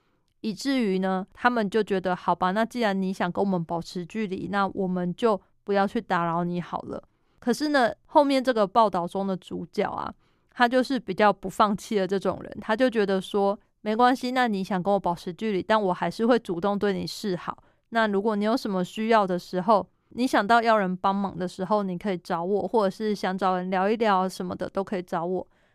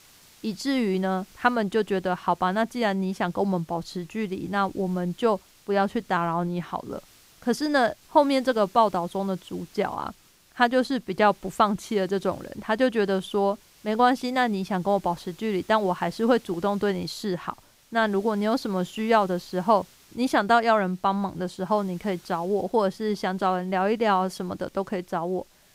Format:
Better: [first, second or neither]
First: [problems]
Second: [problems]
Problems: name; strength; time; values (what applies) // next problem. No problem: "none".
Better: first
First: none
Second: hiss; faint; throughout; 30 dB below the speech